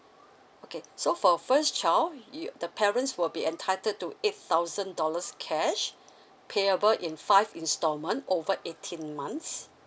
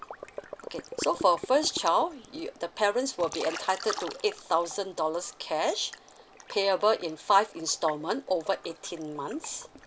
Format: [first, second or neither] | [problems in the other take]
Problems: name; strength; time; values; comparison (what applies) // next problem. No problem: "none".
first | background sound (Liquid); 14 dB below the speech